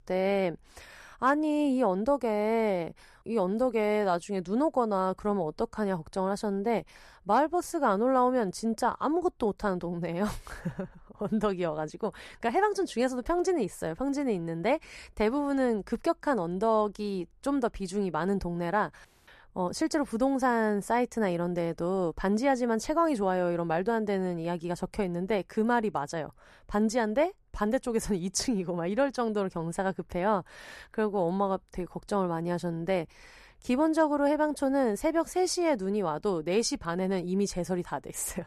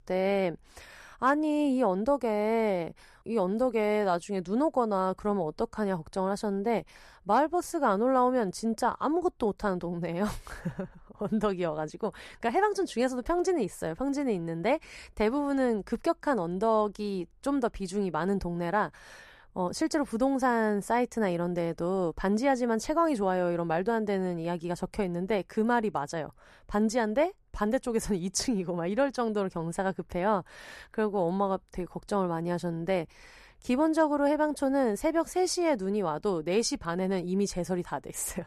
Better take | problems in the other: second | audio cutting out; at 19 s

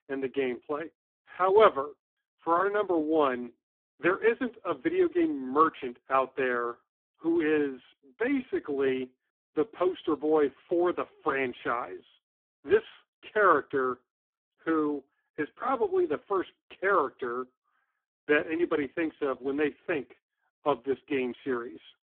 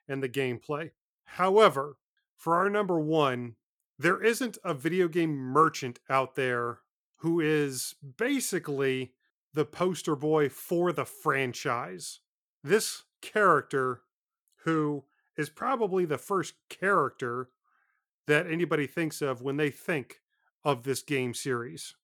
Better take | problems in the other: second | phone-call audio; poor line

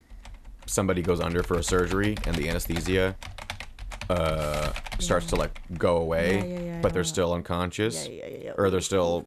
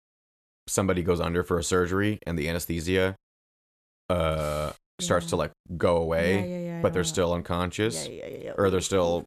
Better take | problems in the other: second | keyboard typing; noticeable; until 7 s; peak 7 dB below the speech

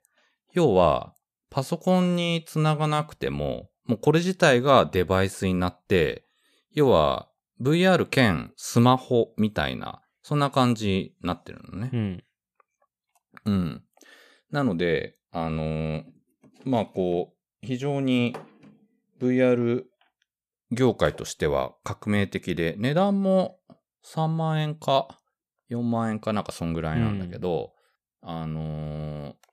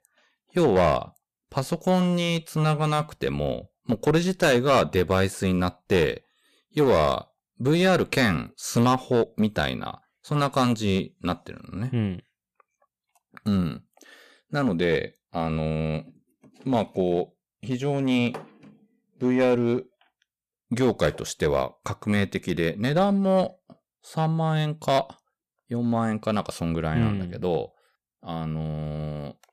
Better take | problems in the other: first | distortion; slight; 4% of the sound clipped

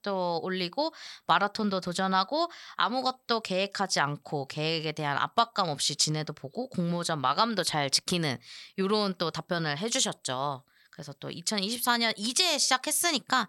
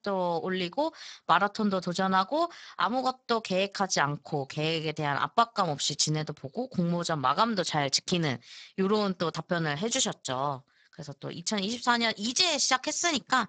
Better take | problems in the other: first | garbled, watery; badly; nothing above 7.5 kHz

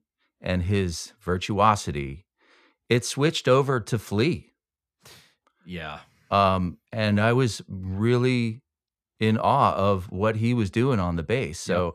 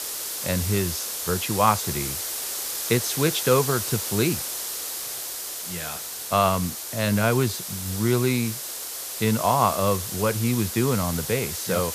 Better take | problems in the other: first | hiss; loud; throughout; 4 dB below the speech

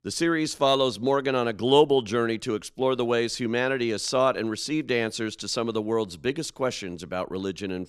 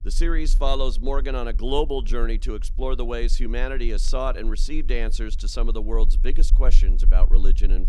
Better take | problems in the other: first | low rumble; faint; throughout; 20 dB below the speech

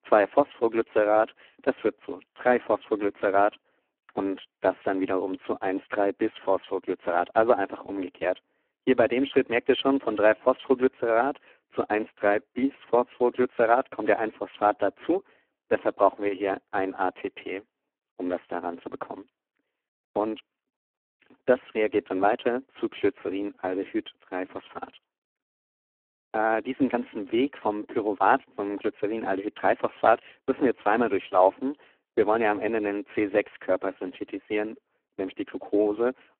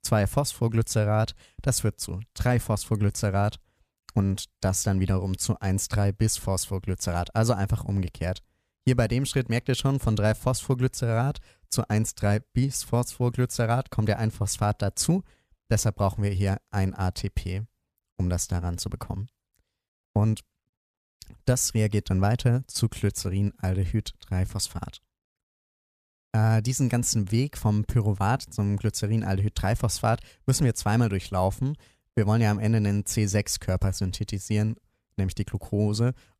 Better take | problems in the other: second | phone-call audio; poor line

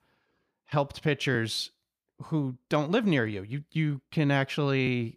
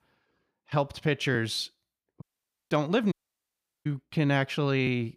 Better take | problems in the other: first | audio cutting out; at 2 s and at 3 s for 0.5 s

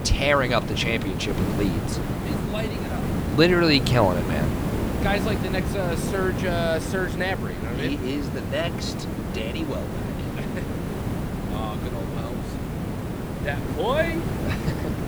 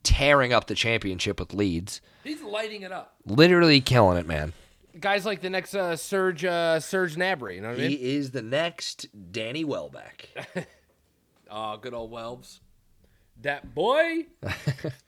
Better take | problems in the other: second | hiss; loud; throughout; 2 dB below the speech

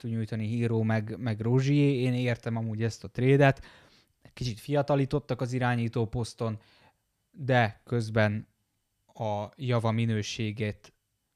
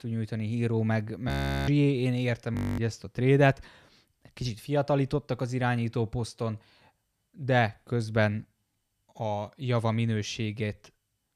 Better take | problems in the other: first | audio freezing; at 1.5 s and at 2.5 s

